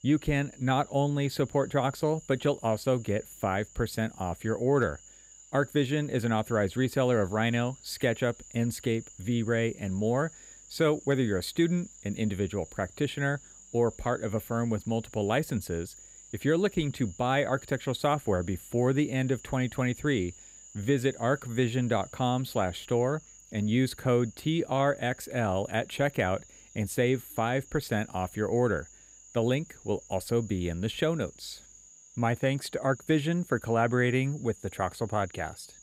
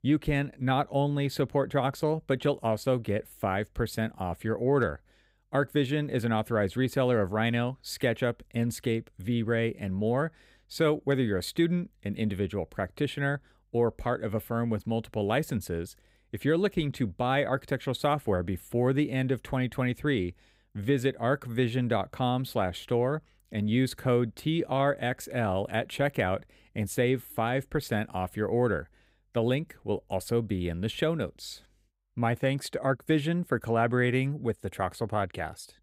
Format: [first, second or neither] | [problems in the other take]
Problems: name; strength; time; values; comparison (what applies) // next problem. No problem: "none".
second | animal sounds; faint; throughout; 20 dB below the speech